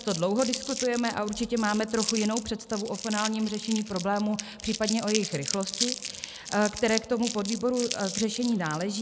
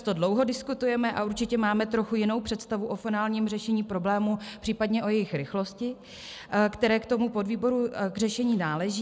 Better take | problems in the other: second | background sound (Crumpling, crinkling); 8 dB below the speech

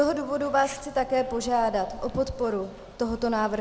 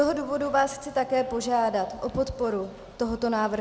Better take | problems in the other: second | background sound (Zipper (clothing)); 20 dB below the speech

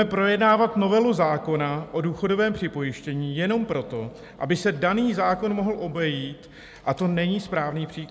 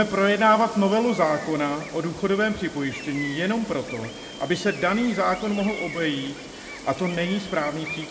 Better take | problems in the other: first | background sound (Gull, seagull); 13 dB below the speech // room echo; dies away in 1.6 s

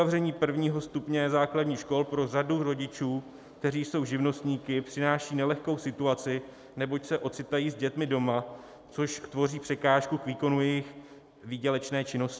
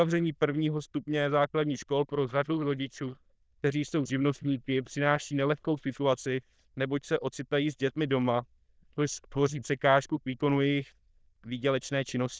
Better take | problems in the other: first | noise reduction (neural diffusion model UNIVERSE++)

